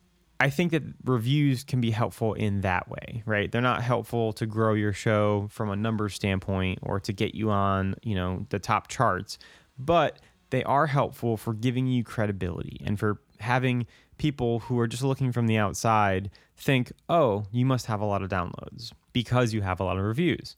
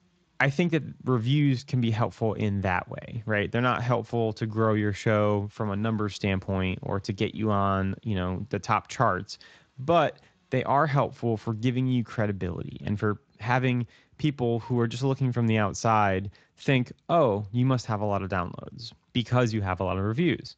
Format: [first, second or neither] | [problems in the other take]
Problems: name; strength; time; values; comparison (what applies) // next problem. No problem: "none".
first | garbled, watery; slightly; nothing above 7.5 kHz